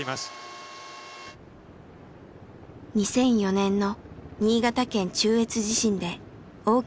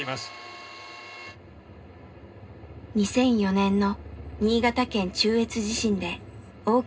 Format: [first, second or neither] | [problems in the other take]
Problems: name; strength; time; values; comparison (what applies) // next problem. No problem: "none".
first | room echo; dies away in 0.2 s